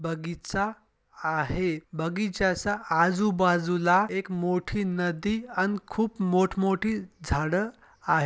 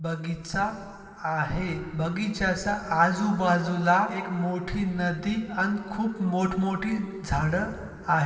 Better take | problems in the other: first | room echo; dies away in 2.3 s

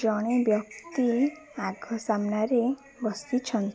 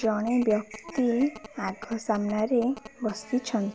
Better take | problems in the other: first | background sound (Telephone); 20 dB below the speech

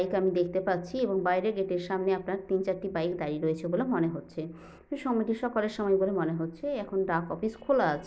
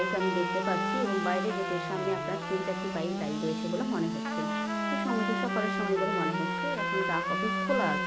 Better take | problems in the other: first | background sound (Sawing / Engine + Trumpet); 1 dB above the speech

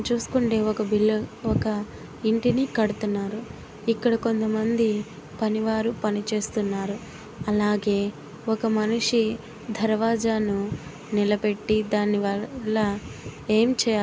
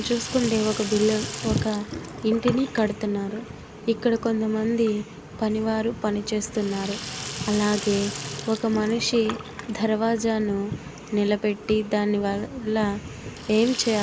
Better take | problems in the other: first | background sound (Sink (filling or washing)); 13 dB below the speech

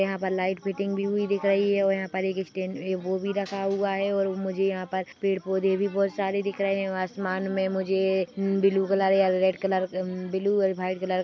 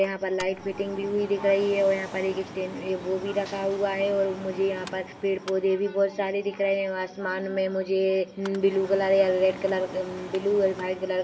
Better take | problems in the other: first | background sound (Mechanical fan); 16 dB below the speech // room echo; dies away in 1.3 s

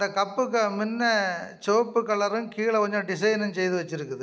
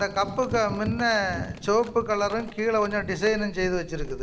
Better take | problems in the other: first | background sound (Thunder / Wind + Drip); 10 dB below the speech

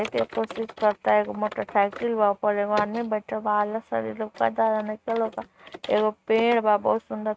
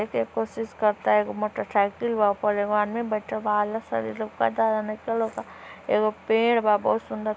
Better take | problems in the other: second | noise reduction (neural mask model RNNoise)

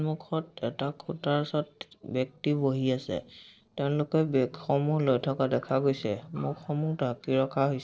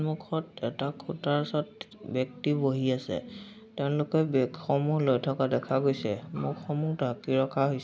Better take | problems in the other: second | noise reduction (neural separator model SepFormer DNS4)

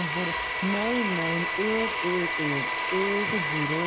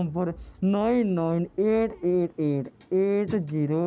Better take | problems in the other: second | background sound (Domestic sounds, home sounds); 1 dB above the speech

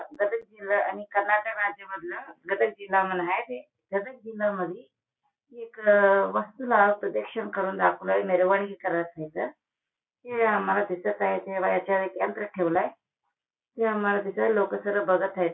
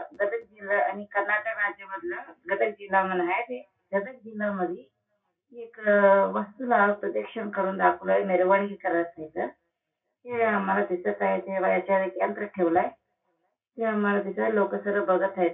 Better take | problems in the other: first | room echo; dies away in 0.4 s

